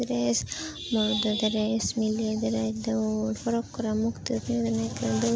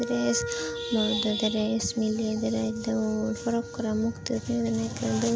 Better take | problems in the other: first | background sound (Wind instrument, woodwind instrument); 11 dB below the speech

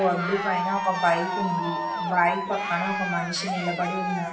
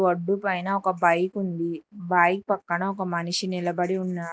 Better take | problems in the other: second | background sound (Cheering); 3 dB below the speech // room echo; dies away in 0.7 s

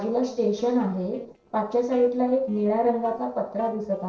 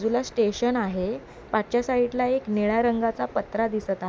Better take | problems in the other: second | noise reduction (neural separator model SepFormer DNS4)

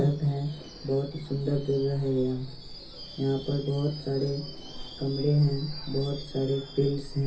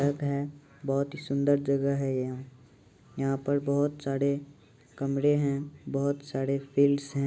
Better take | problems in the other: second | background sound (Screech / Subway, metro, underground); 12 dB below the speech // room echo; dies away in 0.3 s

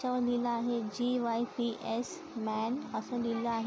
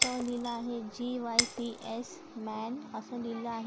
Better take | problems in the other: first | background sound (Shatter); 1 dB above the speech

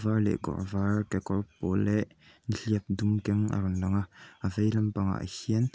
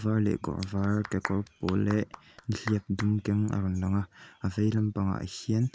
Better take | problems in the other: first | background sound (Clapping); 15 dB below the speech

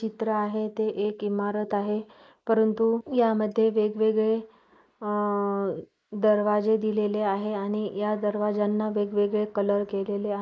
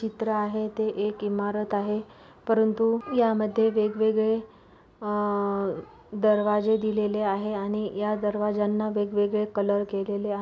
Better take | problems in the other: second | noise reduction (neural mask model Resemble Enhance denoiser)

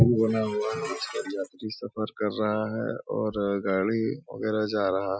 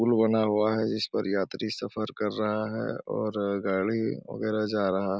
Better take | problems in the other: second | noise reduction (classical method Wiener filter)

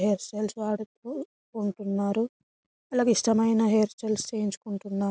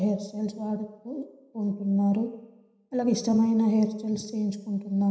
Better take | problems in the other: first | room echo; dies away in 0.9 s

